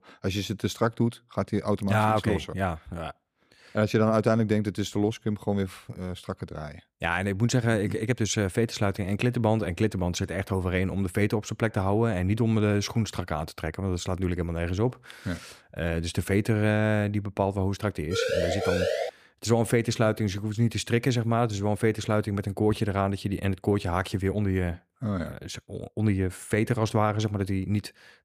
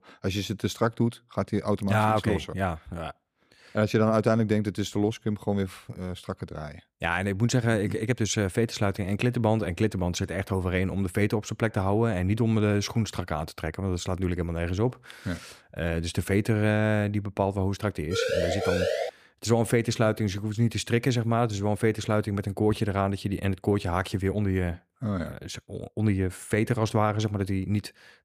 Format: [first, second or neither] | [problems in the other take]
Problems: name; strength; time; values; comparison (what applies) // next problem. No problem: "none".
neither | siren; loud; at 18 s; peak 1 dB above the speech; the same in both